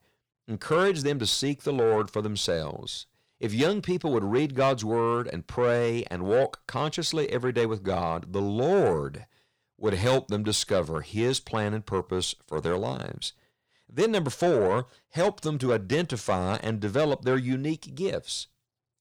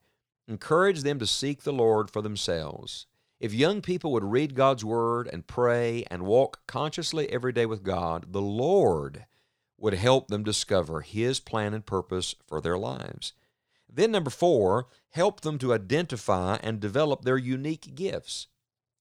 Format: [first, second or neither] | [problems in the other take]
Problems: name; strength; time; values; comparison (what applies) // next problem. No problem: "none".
second | distortion; slight; 10 dB below the speech